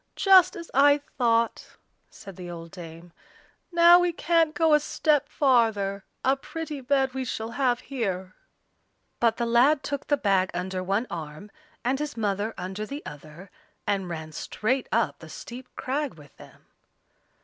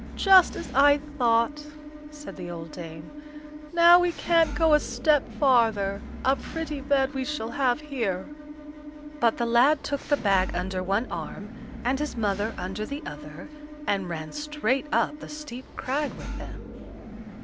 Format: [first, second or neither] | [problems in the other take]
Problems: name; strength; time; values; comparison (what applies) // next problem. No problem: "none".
first | background sound (Engine / Mechanisms); 11 dB below the speech